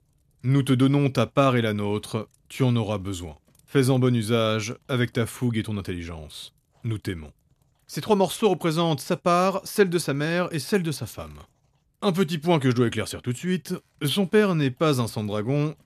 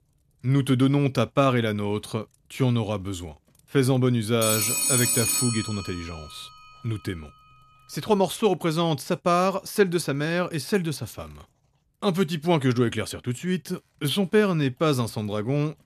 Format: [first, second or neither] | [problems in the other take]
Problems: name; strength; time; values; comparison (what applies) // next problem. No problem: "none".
first | phone ringing; loud; from 4.5 to 6 s; peak 4 dB above the speech